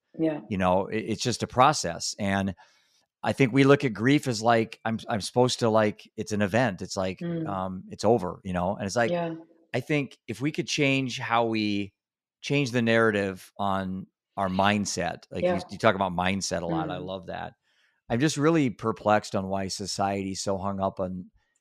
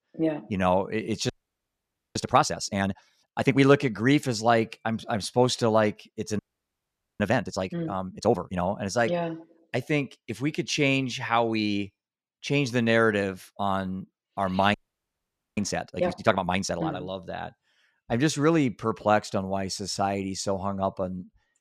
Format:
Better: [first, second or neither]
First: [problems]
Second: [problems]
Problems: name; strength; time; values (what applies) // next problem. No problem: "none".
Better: first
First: none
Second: audio freezing; at 1.5 s for 1 s, at 6.5 s for 1 s and at 15 s for 1 s